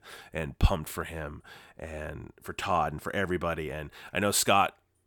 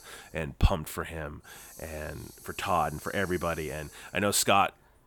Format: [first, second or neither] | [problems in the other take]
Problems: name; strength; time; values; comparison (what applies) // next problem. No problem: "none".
first | hiss; noticeable; throughout; 20 dB below the speech